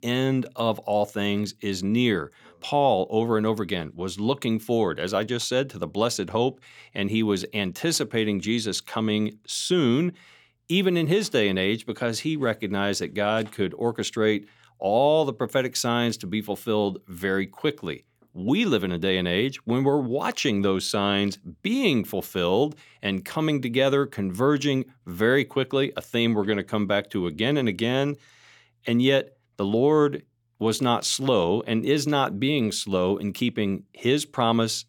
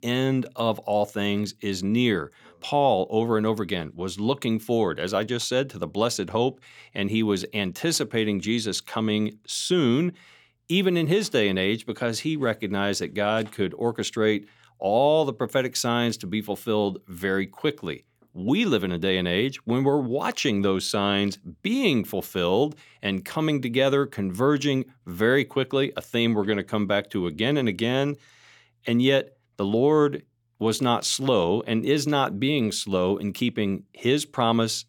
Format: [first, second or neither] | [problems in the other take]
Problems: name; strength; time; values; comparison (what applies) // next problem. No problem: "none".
neither | none